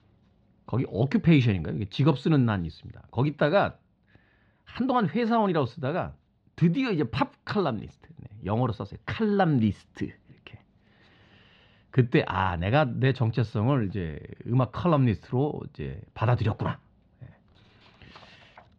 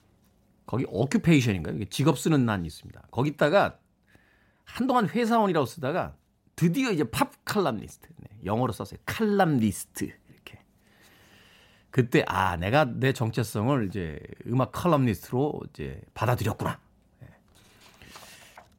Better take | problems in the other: second | muffled; very slightly; fading above 4 kHz

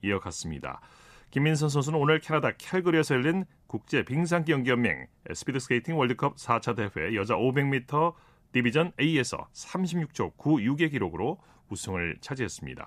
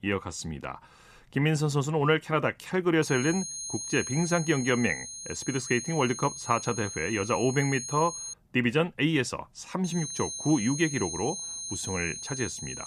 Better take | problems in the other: first | high-pitched whine; loud; from 3 to 8.5 s and from 10 s on; 6.5 kHz, 7 dB below the speech

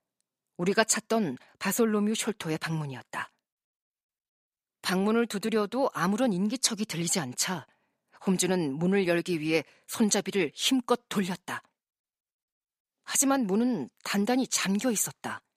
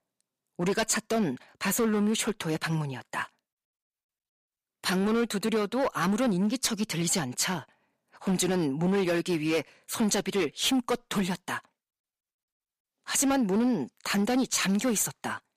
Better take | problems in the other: first | distortion; slight; 9% of the sound clipped

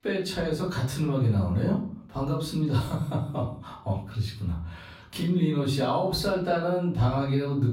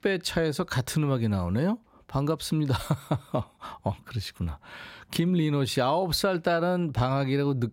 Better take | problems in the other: second | off-mic speech; far // room echo; slight; dies away in 0.5 s

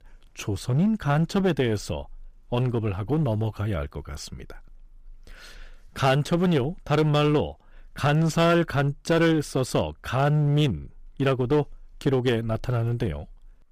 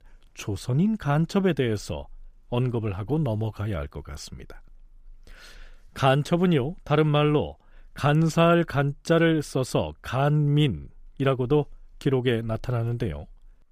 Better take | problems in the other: second | distortion; slight; 6% of the sound clipped

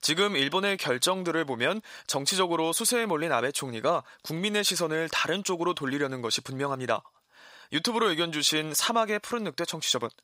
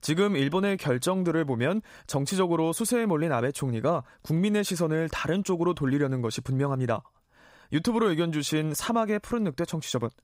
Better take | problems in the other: second | thin; somewhat; fading below 750 Hz

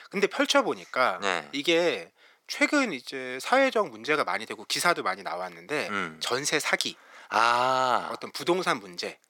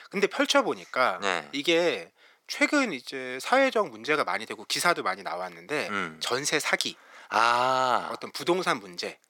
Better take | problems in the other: neither | thin; somewhat; fading below 450 Hz; the same in both

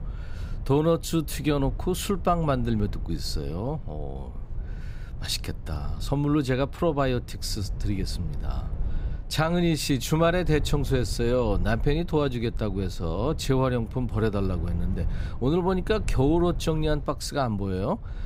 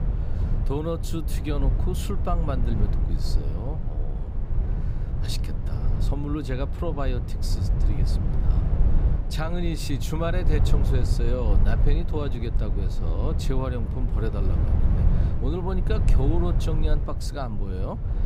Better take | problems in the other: first | low rumble; loud; throughout; 6 dB below the speech; faint in the first

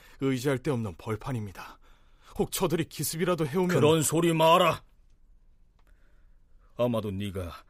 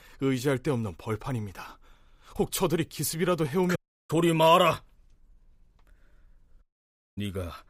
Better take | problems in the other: first | audio cutting out; at 4 s and at 6.5 s for 0.5 s

